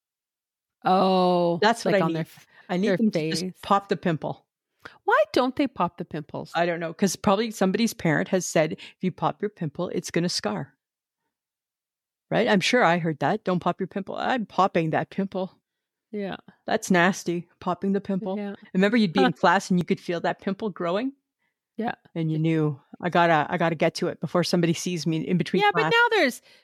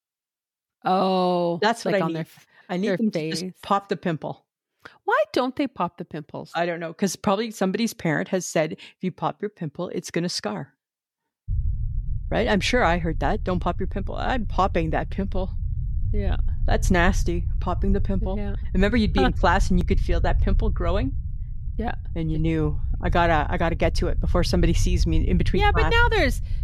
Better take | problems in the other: first | low rumble; faint; from 11 s on; 20 dB below the speech

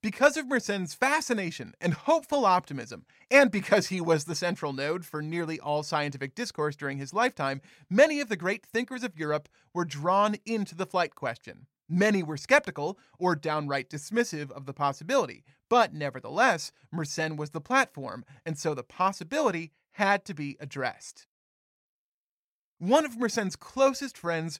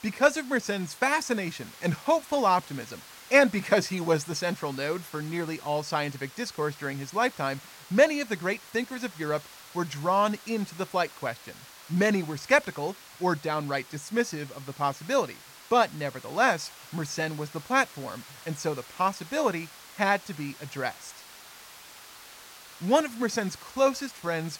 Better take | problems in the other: first | hiss; noticeable; throughout; 20 dB below the speech

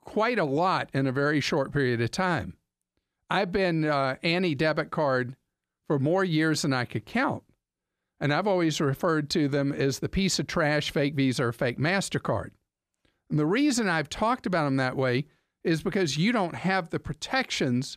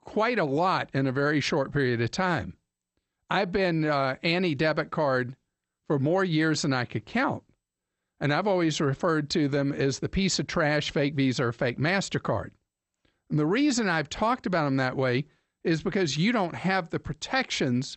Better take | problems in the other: first | garbled, watery; slightly; nothing above 8 kHz

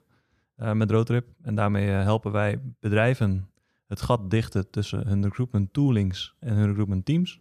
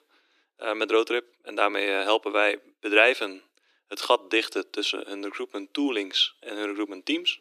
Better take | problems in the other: first | thin; very; fading below 300 Hz

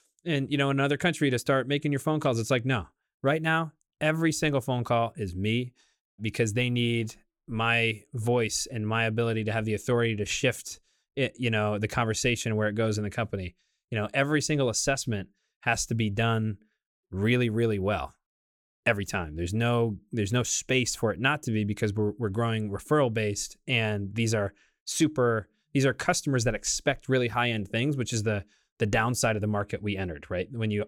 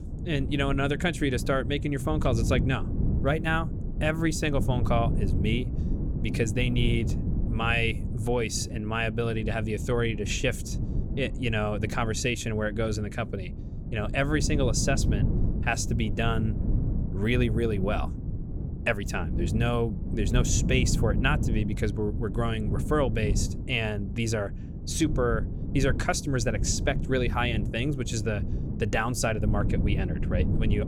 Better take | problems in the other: first | wind noise on the microphone; occasional gusts; 10 dB below the speech

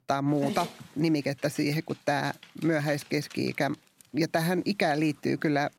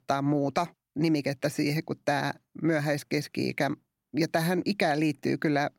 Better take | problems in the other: second | dog barking; noticeable; peak 7 dB below the speech

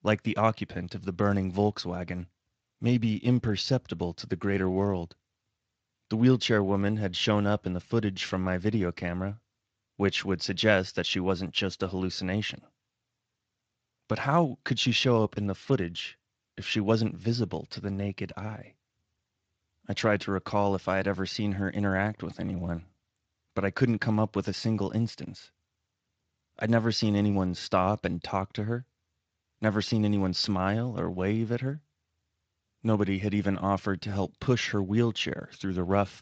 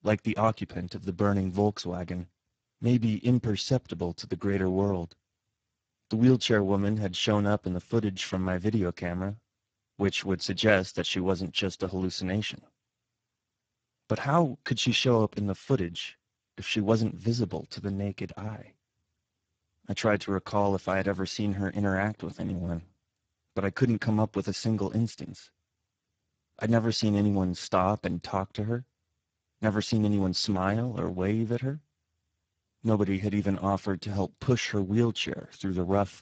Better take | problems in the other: first | garbled, watery; badly; nothing above 7.5 kHz; slightly in the first

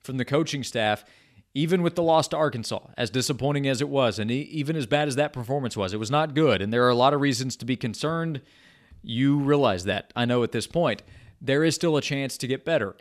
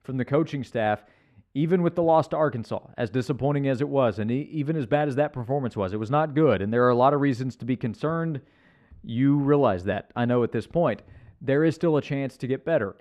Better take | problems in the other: first | muffled; very; fading above 2.5 kHz

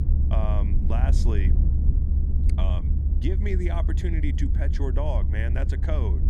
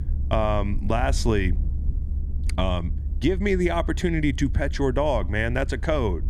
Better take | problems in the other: second | low rumble; loud; throughout; 5 dB below the speech; faint in the second

